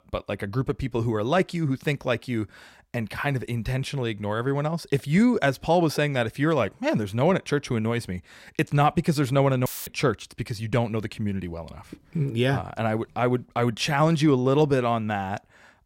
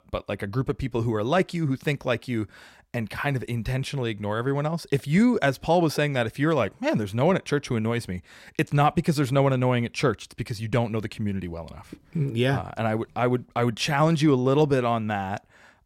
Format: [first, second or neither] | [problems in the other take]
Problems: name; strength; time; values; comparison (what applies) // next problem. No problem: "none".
second | audio cutting out; filled with static; at 9.5 s